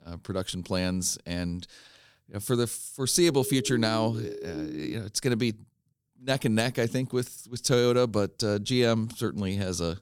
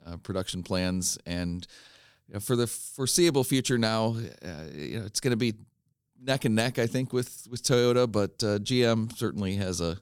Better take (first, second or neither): second